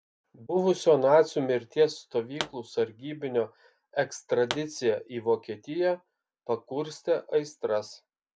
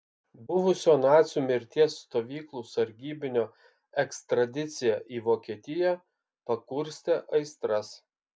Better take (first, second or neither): second